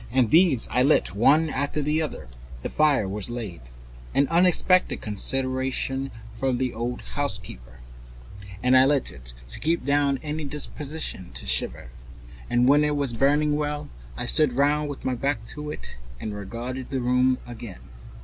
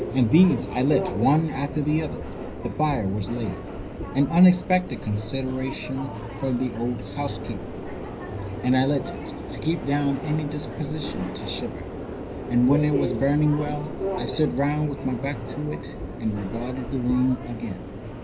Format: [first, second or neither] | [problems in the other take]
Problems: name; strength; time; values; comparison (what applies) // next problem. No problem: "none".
first | background sound (Subway, metro, underground); 8 dB below the speech // room echo; dies away in 0.5 s